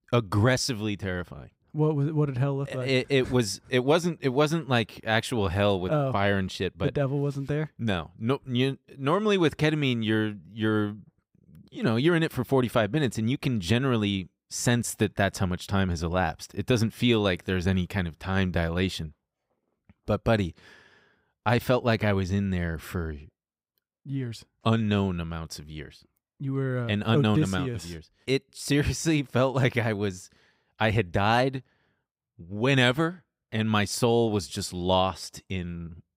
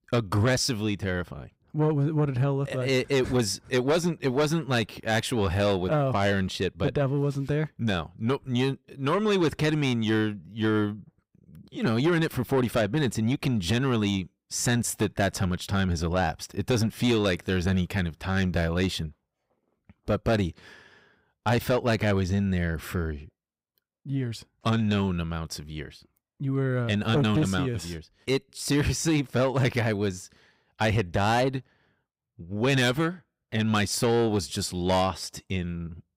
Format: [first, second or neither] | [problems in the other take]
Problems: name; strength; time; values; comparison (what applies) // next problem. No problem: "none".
first | distortion; slight; 10 dB below the speech